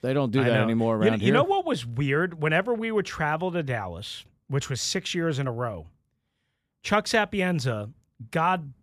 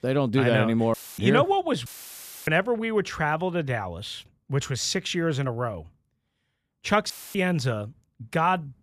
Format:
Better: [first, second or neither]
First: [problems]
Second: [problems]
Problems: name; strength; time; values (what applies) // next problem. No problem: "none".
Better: first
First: none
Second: audio cutting out; filled with static; at 1 s, at 2 s for 0.5 s and at 7 s